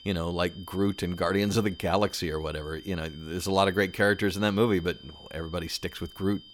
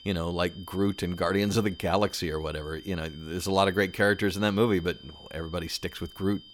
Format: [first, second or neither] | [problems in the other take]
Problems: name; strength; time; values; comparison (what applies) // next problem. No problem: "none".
neither | high-pitched whine; noticeable; throughout; 3 kHz, 20 dB below the speech; the same in both